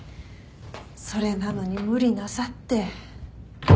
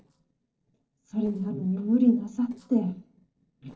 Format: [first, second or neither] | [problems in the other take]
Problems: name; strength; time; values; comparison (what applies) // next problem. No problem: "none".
first | noise reduction (neural separator model SepFormer DNS4)